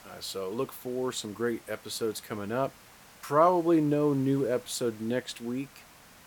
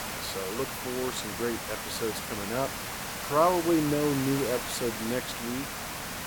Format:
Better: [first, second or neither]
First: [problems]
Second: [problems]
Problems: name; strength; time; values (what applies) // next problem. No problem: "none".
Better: first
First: hiss; faint; throughout; 20 dB below the speech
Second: hiss; loud; throughout; 4 dB below the speech